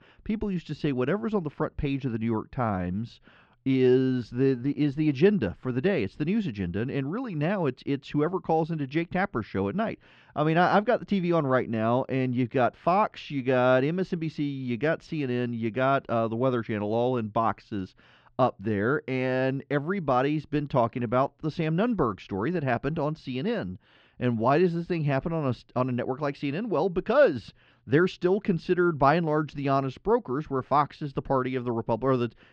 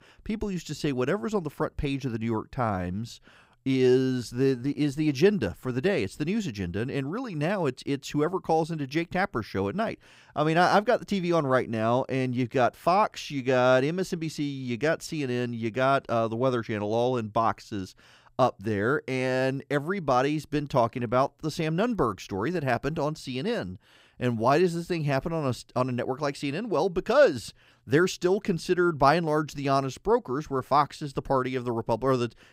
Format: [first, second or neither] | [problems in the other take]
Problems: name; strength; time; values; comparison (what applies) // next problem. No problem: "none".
second | muffled; slightly; fading above 3.5 kHz